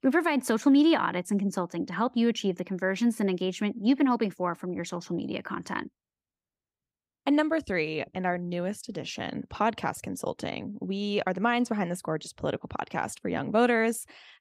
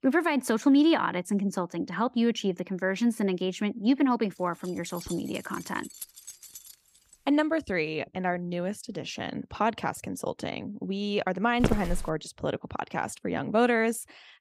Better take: first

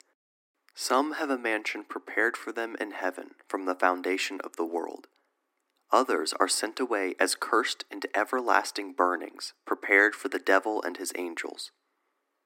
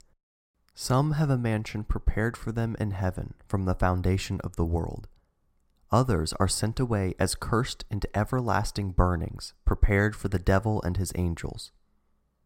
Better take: second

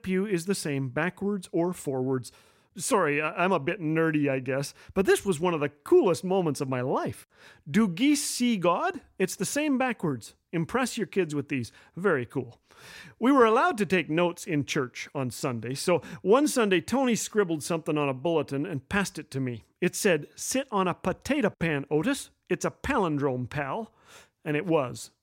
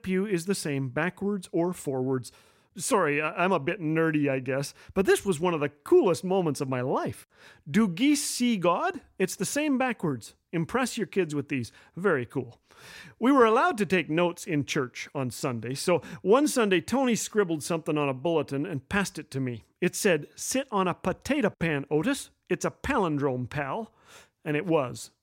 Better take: neither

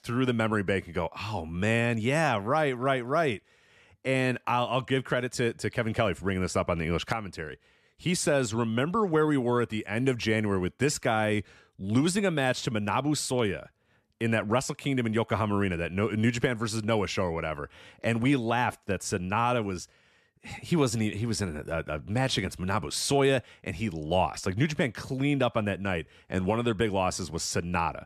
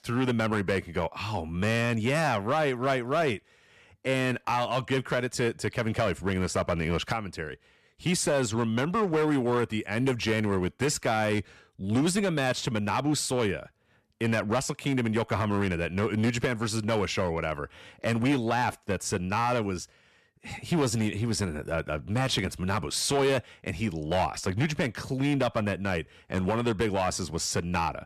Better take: first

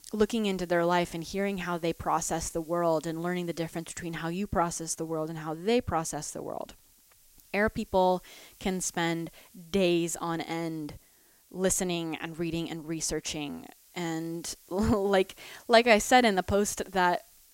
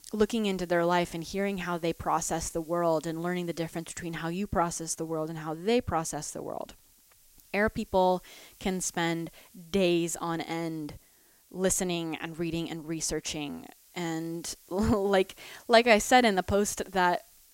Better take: neither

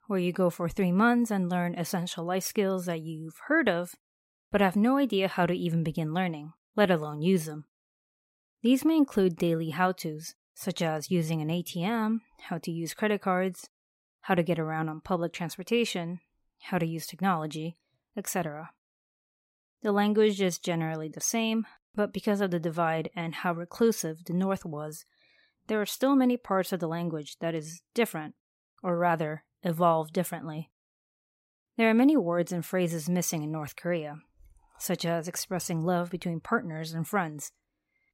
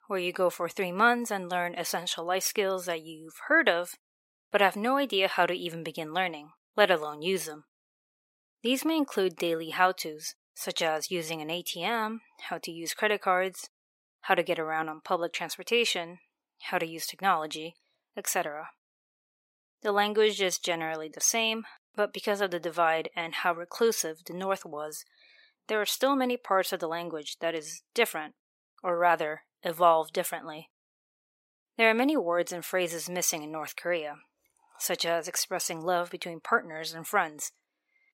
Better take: first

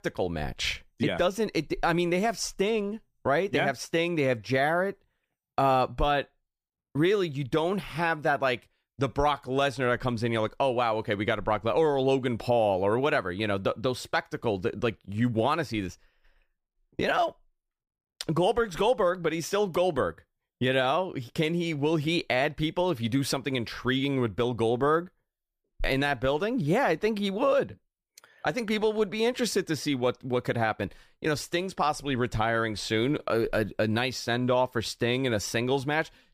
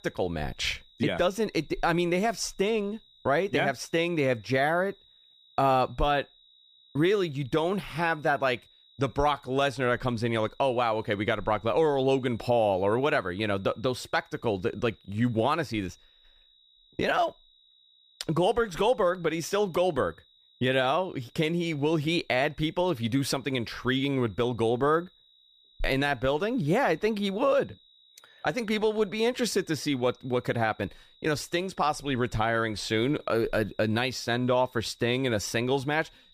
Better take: first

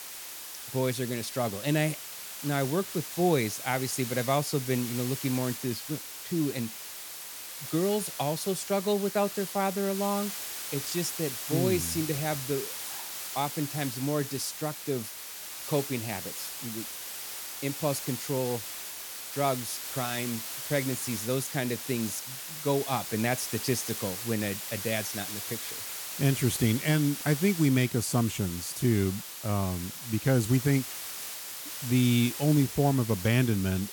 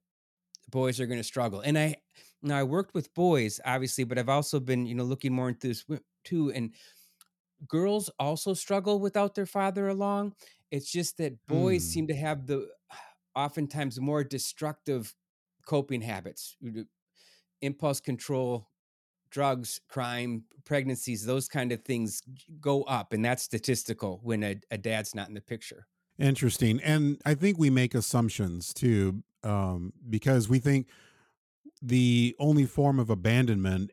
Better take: second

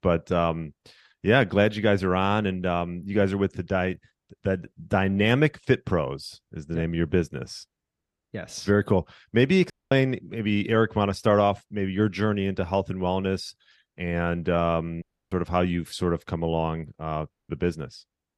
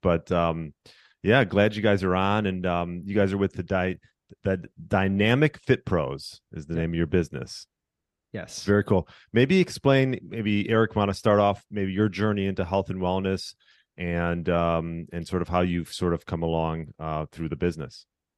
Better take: second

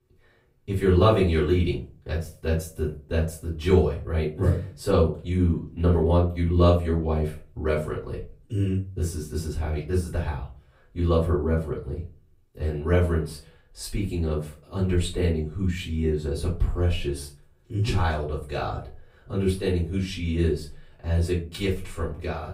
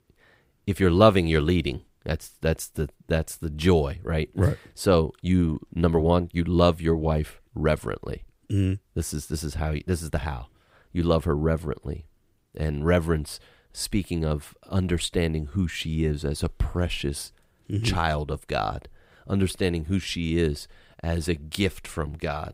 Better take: second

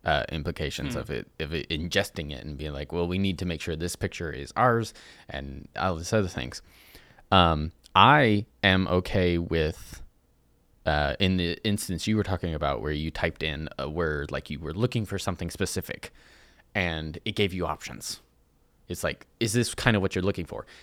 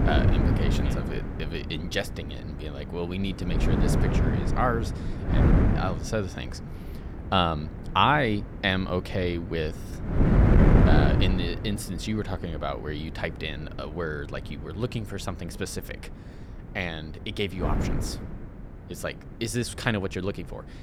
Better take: first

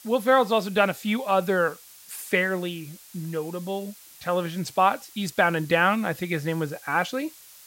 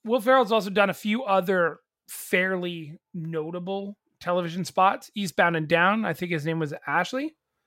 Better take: second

